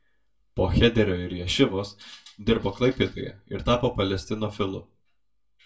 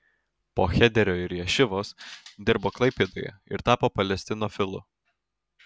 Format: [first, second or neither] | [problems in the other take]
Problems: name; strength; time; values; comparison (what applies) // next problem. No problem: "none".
second | room echo; dies away in 0.2 s